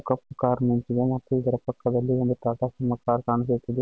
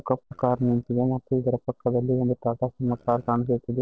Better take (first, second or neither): first